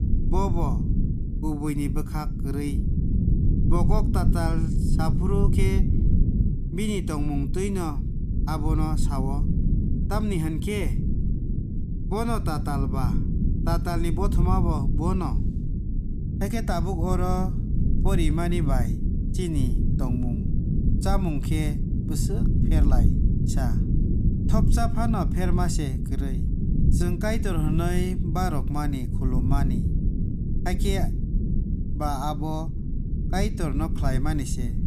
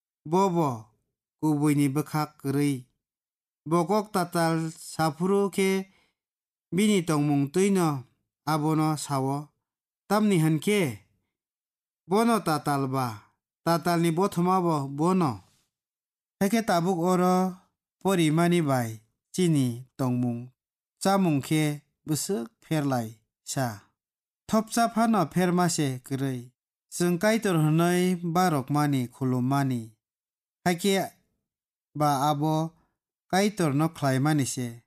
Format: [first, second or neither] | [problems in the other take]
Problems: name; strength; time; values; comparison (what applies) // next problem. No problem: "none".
second | low rumble; loud; throughout; 5 dB below the speech